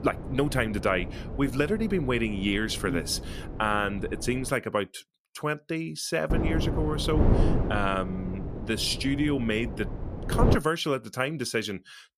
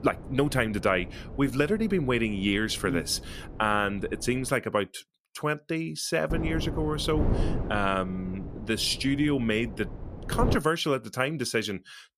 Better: second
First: wind noise on the microphone; heavy; until 4.5 s and from 6.5 to 11 s; 9 dB below the speech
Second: wind noise on the microphone; occasional gusts; until 4.5 s and from 6.5 to 11 s; 15 dB below the speech

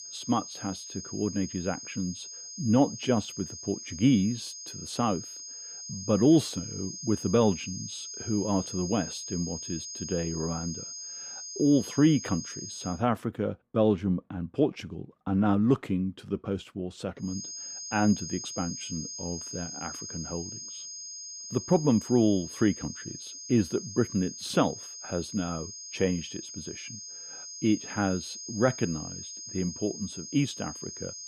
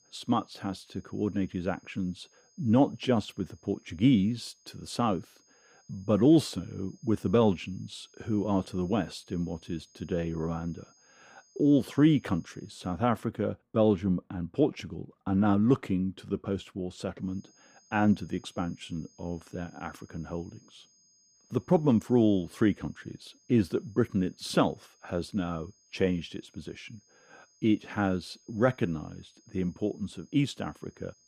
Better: second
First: high-pitched whine; loud; until 13 s and from 17 s on; 6.5 kHz, 9 dB below the speech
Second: high-pitched whine; faint; until 13 s and from 17 s on; 6.5 kHz, 30 dB below the speech

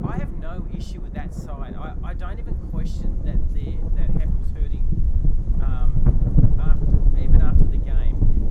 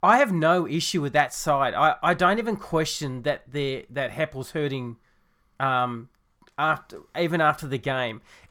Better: second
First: wind noise on the microphone; heavy; 5 dB above the speech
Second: none

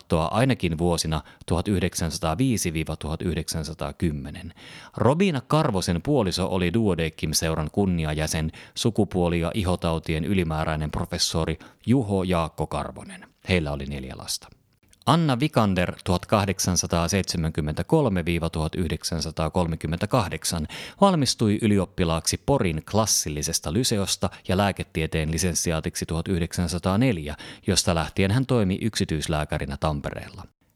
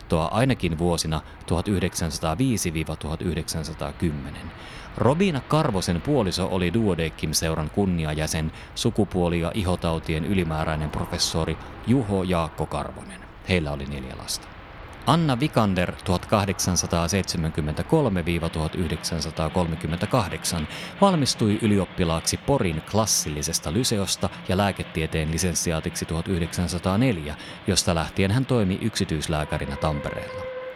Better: first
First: none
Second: train or aircraft noise; noticeable; throughout; 15 dB below the speech

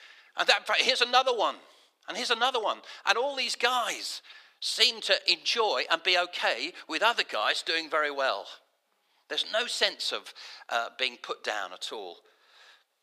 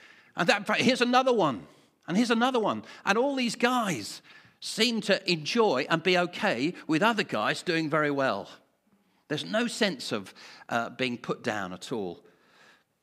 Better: second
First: thin; very; fading below 500 Hz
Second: none

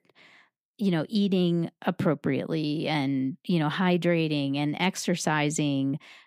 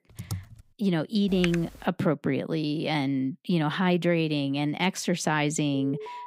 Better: first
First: none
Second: keyboard typing; faint; at the start; peak 10 dB below the speech // keyboard typing; noticeable; at 1.5 s; peak 8 dB below the speech // alarm; faint; at 5.5 s; peak 10 dB below the speech

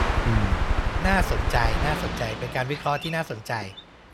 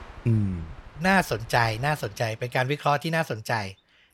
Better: second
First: train or aircraft noise; loud; throughout; 1 dB below the speech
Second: train or aircraft noise; faint; throughout; 25 dB below the speech

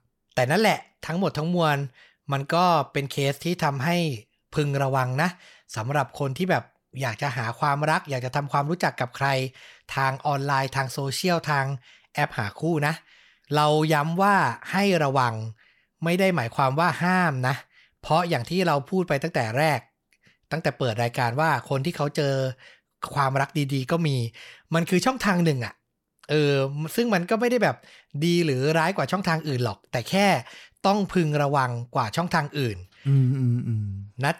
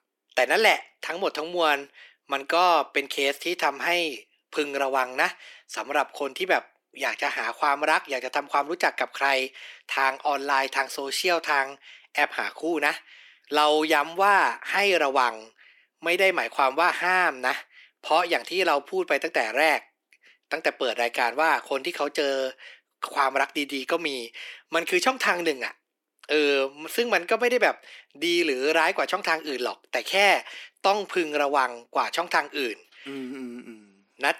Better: first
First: none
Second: thin; very; fading below 300 Hz

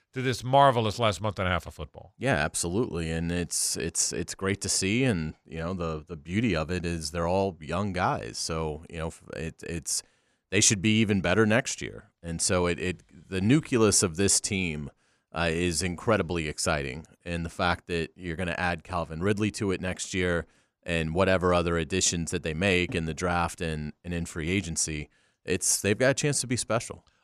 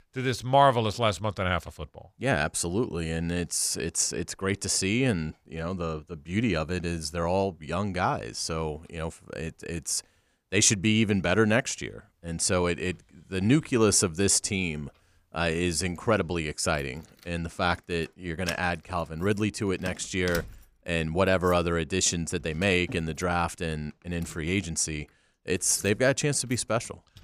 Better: first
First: none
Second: household noises; noticeable; throughout; 20 dB below the speech

